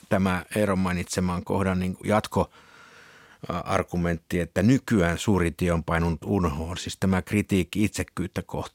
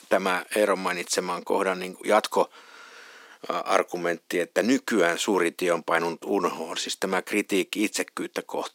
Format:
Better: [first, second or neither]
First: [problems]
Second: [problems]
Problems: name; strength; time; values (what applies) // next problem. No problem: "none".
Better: first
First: none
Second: thin; somewhat; fading below 300 Hz